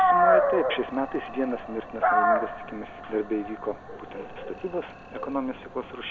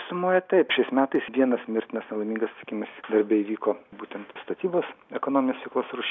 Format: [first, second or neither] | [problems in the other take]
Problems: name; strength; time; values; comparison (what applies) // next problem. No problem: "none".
second | background sound (Dog); 4 dB above the speech